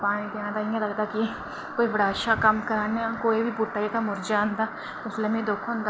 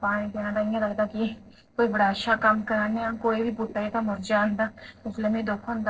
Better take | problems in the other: first | noise reduction (neural separator model SepFormer DNS4)

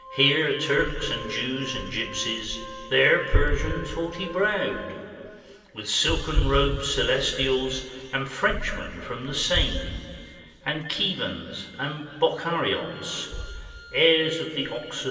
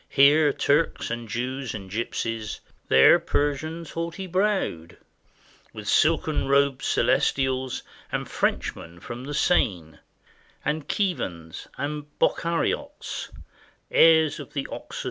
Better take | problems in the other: second | background sound (Organ); 19 dB below the speech // room echo; dies away in 2.5 s

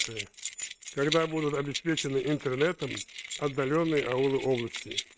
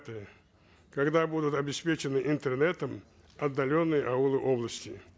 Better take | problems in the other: second | noise reduction (neural mask model RNNoise)

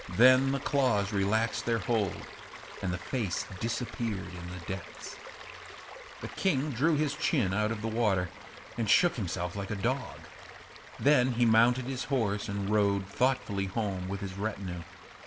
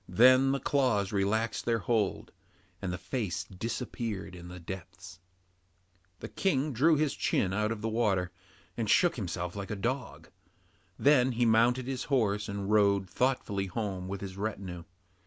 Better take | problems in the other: second | background sound (Stream); 15 dB below the speech // room echo; dies away in 0.8 s

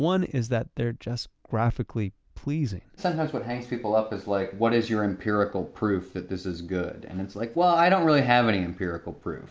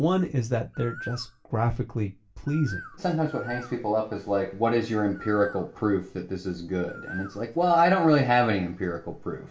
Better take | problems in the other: first | background sound (Bird); 18 dB below the speech // room echo; dies away in 0.2 s

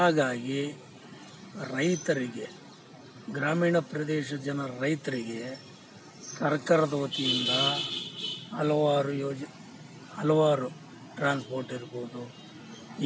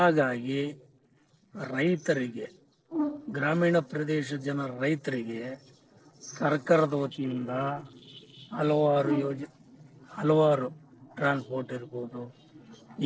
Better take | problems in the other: first | noise reduction (neural separator model SepFormer DNS4)

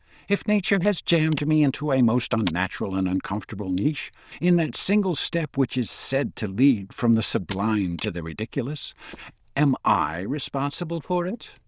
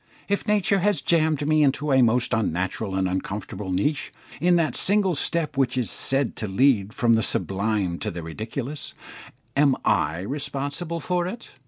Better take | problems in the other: second | noise reduction (neural diffusion model UNIVERSE++)

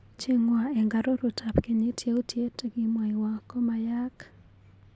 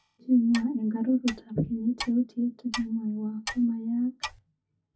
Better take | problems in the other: first | noise reduction (classical method WPE with log-MMSE)

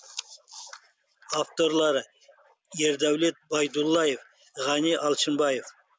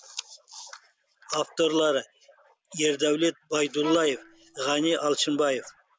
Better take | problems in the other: first | background sound (Bowed string instrument); 15 dB below the speech

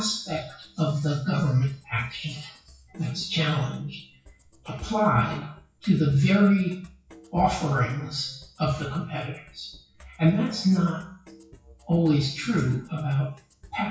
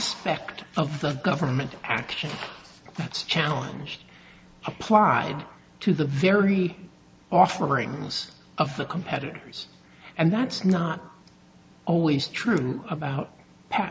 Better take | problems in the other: second | noise reduction (classical method WPE with log-MMSE)

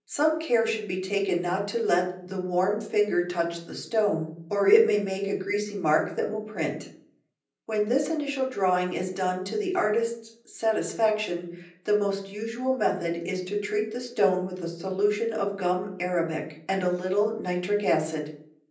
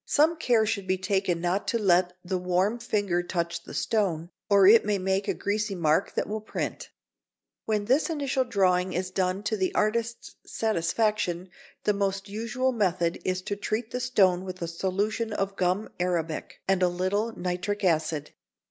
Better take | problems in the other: second | room echo; dies away in 0.6 s

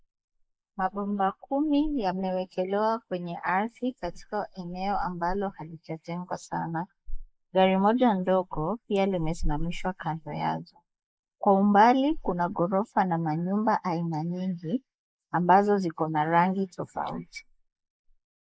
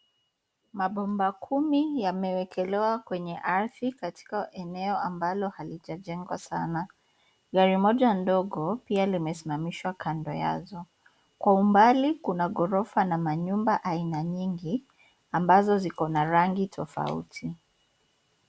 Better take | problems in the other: second | noise reduction (neural mask model Resemble Enhance denoiser)

